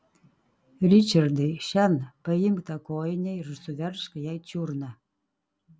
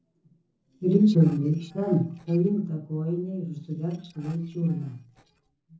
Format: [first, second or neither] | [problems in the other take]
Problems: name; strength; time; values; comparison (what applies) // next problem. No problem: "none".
first | noise reduction (neural separator model SepFormer DNS4)